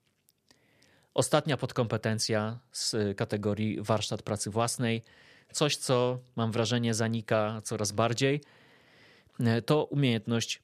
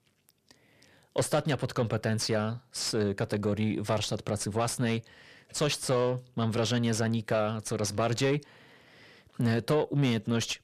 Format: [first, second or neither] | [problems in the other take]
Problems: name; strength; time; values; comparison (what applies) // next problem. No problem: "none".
first | distortion; slight; 10 dB below the speech